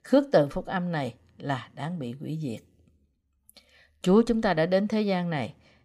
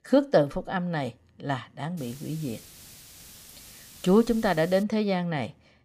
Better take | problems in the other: first | hiss; noticeable; from 2 to 5 s; 20 dB below the speech

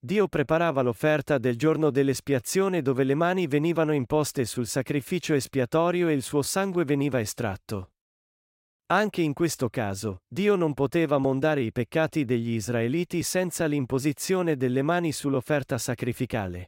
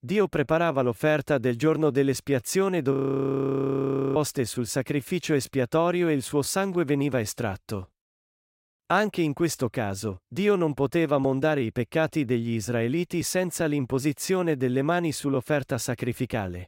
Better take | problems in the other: first | audio freezing; at 3 s for 1 s

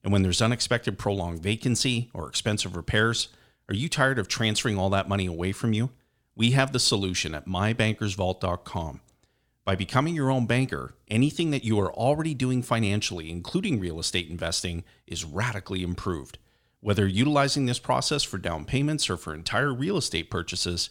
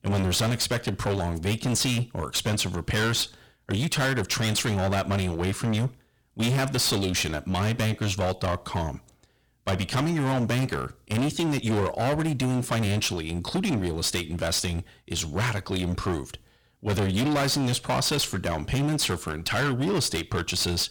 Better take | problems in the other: first | distortion; heavy; 22% of the sound clipped

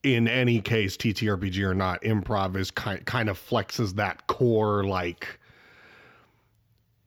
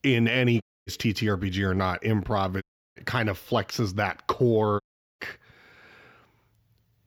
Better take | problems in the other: first | audio cutting out; at 0.5 s, at 2.5 s and at 5 s

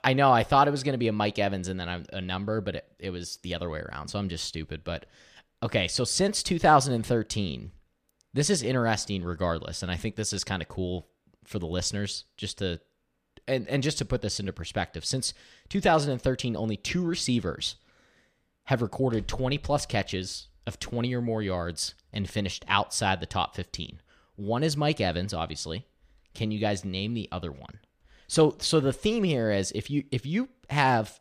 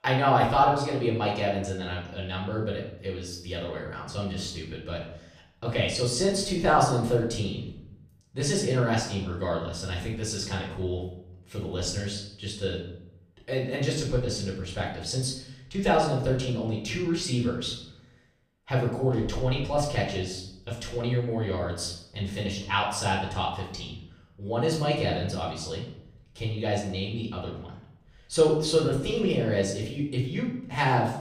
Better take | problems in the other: first | room echo; noticeable; dies away in 0.6 s // off-mic speech; far

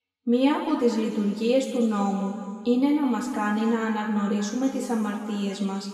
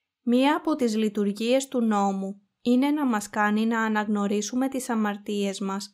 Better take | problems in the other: second | room echo; noticeable; dies away in 2 s // off-mic speech; far

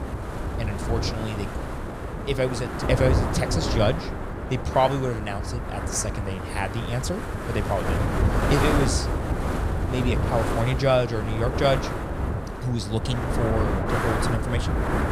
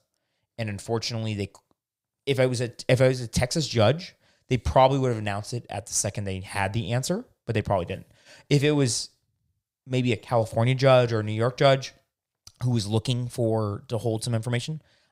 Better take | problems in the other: second | wind noise on the microphone; heavy; 3 dB below the speech

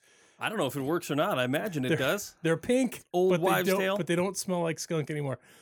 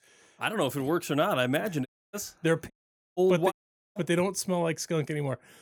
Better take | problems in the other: first | audio cutting out; at 2 s, at 2.5 s and at 3.5 s

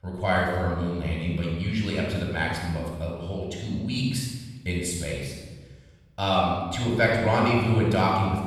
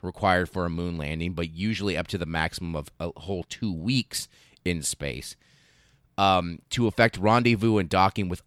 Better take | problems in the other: second | off-mic speech; far // room echo; strong; dies away in 1.2 s

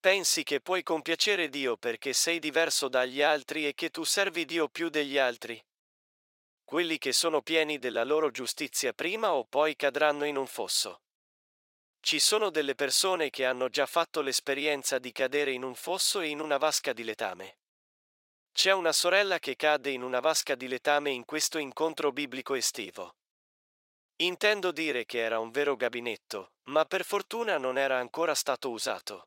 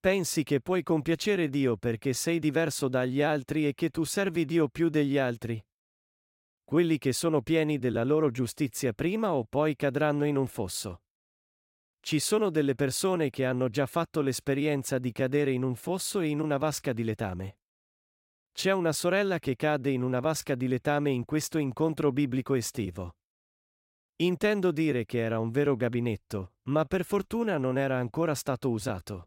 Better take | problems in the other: second | thin; very; fading below 600 Hz

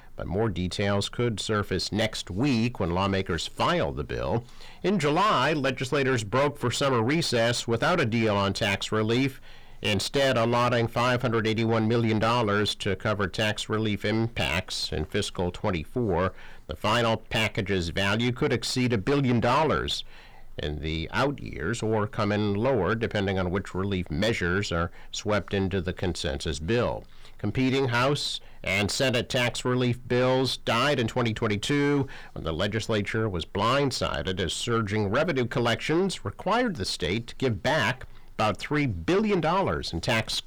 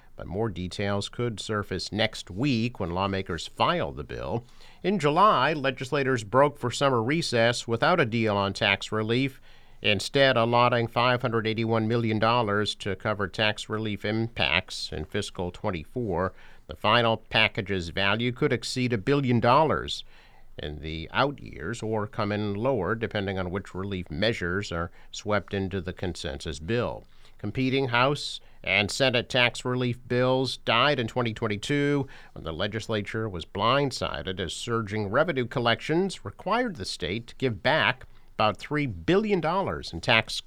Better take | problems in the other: second | distortion; heavy; 7 dB below the speech

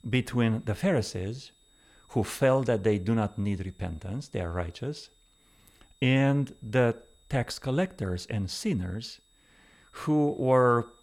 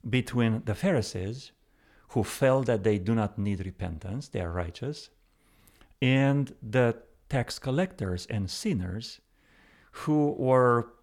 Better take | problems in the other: second | high-pitched whine; faint; throughout; 3.5 kHz, 35 dB below the speech

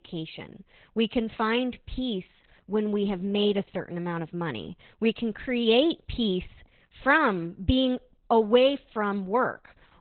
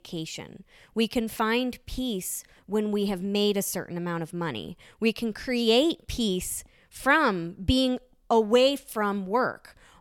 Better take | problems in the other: second | garbled, watery; badly; nothing above 3.5 kHz

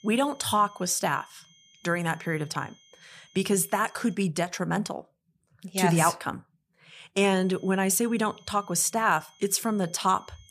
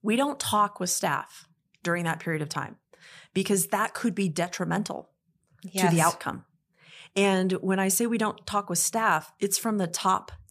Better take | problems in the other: second | high-pitched whine; faint; until 4 s and from 7.5 s on; 3 kHz, 30 dB below the speech

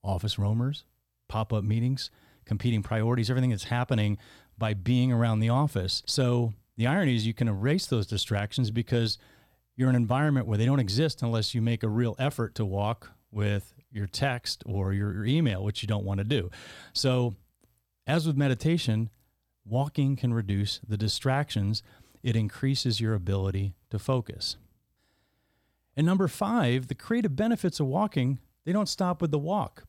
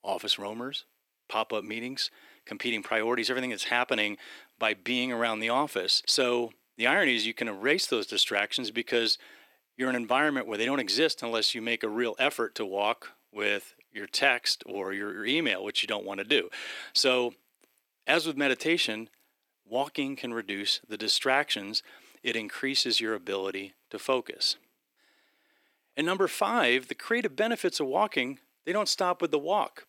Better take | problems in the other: first | thin; very; fading below 350 Hz

